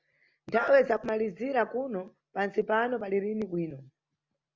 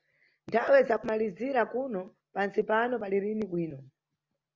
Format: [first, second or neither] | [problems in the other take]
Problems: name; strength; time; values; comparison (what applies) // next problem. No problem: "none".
second | background sound (Wind instrument, woodwind instrument); 10 dB below the speech